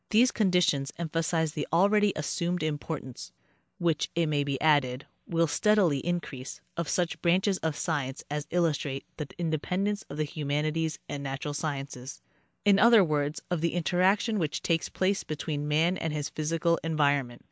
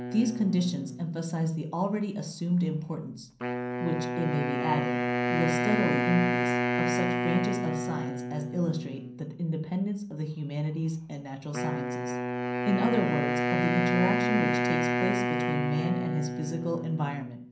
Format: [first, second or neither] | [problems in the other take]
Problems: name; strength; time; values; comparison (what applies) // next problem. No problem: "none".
first | background sound (Wind instrument, woodwind instrument); as loud as the speech // room echo; dies away in 0.6 s